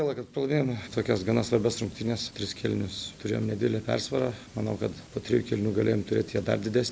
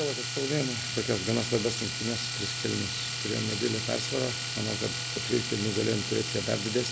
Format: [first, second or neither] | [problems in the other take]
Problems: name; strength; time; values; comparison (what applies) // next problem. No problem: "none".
first | background sound (Domestic sounds, home sounds); 2 dB below the speech